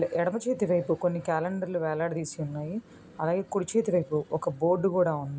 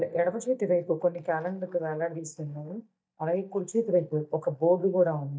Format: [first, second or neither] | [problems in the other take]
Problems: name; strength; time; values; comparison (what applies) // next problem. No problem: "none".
first | noise reduction (neural mask model DeepFilterNet 3)